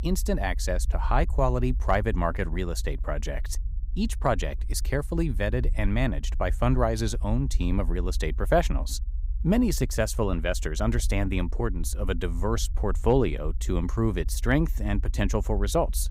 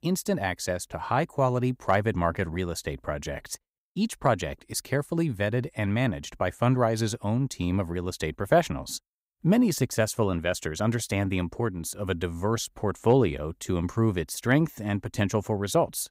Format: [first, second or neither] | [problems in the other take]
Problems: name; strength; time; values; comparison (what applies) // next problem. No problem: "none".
second | low rumble; faint; throughout; 25 dB below the speech